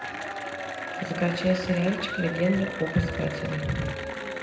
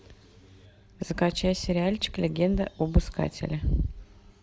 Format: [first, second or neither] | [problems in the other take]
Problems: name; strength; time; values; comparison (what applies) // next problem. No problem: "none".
second | background sound (Applause / Cheering); 6 dB below the speech // room echo; dies away in 0.8 s